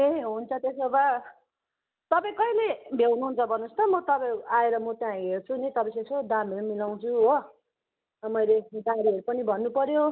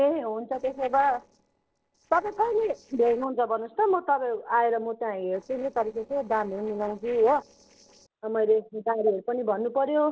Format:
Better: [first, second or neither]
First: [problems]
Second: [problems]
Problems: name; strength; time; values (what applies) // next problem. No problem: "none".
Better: first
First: none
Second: noise reduction (neural separator model SepFormer DNS4)